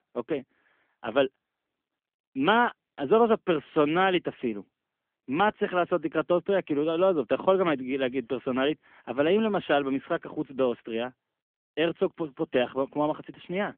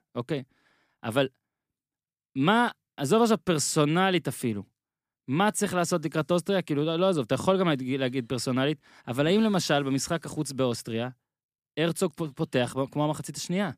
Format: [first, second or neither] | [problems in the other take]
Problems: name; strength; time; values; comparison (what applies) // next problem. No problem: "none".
second | phone-call audio; nothing above 3.5 kHz